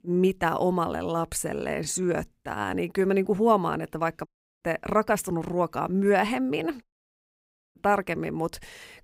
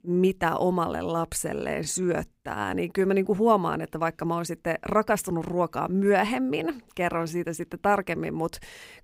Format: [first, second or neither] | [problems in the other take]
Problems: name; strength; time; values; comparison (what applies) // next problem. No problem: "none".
second | audio cutting out; at 4.5 s and at 7 s for 1 s